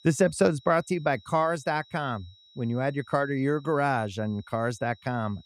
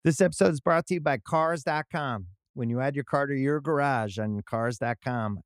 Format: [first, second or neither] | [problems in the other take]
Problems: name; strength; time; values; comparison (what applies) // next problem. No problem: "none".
second | high-pitched whine; faint; throughout; 4 kHz, 25 dB below the speech